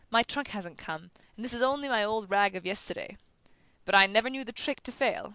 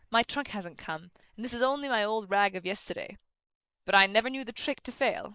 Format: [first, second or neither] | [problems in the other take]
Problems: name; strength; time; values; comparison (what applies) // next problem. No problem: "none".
first | noise reduction (neural mask model Resemble Enhance denoiser)